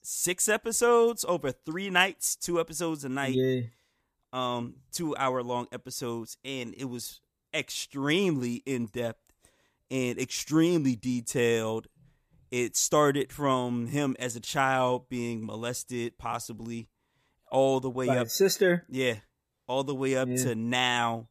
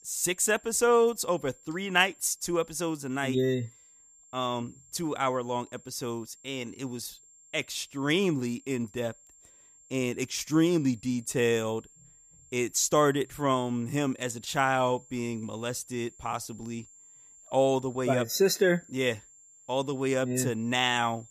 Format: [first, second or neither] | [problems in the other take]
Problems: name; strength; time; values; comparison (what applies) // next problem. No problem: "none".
first | high-pitched whine; faint; throughout; 7.5 kHz, 25 dB below the speech